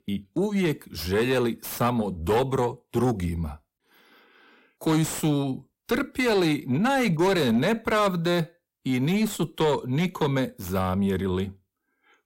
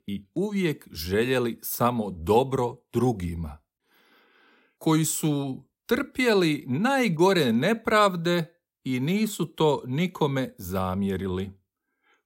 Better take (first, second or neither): second